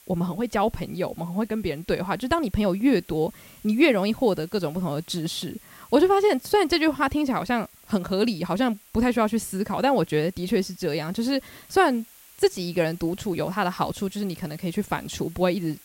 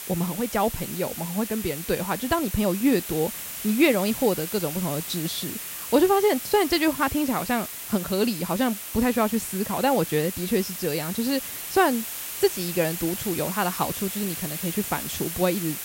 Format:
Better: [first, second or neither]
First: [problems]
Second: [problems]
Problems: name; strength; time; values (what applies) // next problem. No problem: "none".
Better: first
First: hiss; faint; throughout; 25 dB below the speech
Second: hiss; loud; throughout; 6 dB below the speech